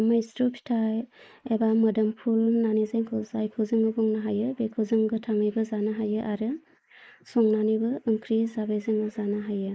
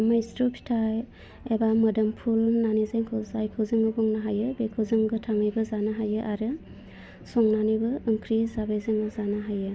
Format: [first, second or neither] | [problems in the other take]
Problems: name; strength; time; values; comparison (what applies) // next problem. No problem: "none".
second | noise reduction (neural mask model Resemble Enhance denoiser)